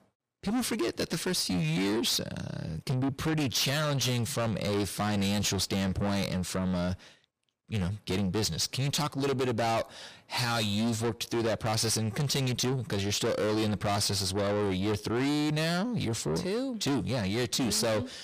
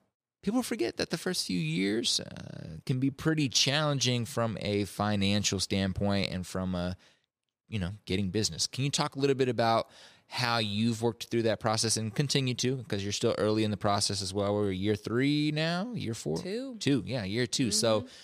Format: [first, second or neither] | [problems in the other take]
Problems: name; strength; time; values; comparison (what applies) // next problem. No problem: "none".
second | distortion; heavy; 6 dB below the speech